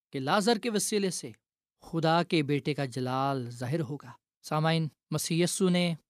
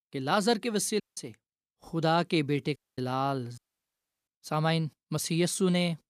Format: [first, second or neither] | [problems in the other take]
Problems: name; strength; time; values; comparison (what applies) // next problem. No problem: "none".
first | audio cutting out; at 1 s, at 3 s and at 3.5 s for 0.5 s